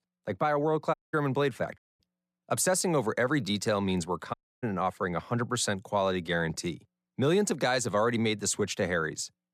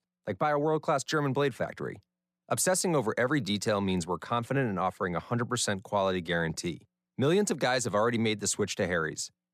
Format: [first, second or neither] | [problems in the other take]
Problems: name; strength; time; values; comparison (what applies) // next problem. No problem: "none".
second | audio cutting out; at 1 s, at 2 s and at 4.5 s